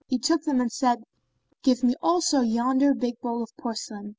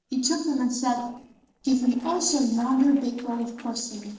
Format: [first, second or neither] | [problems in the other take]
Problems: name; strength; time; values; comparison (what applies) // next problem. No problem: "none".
first | noise reduction (neural separator model SepFormer DNS4)